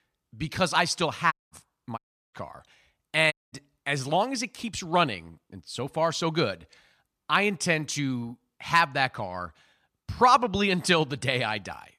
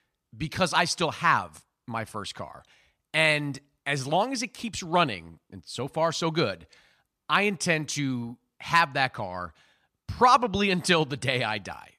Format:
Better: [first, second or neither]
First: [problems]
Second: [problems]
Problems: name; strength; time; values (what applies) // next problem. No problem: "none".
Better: second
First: audio cutting out; at 1.5 s, at 2 s and at 3.5 s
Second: none